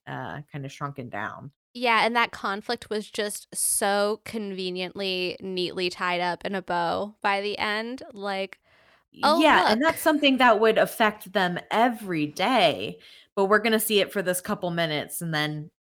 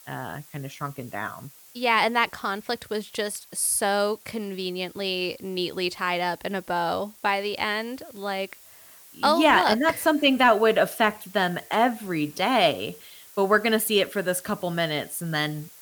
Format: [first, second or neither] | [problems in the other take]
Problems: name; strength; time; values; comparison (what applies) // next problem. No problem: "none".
first | hiss; faint; throughout; 25 dB below the speech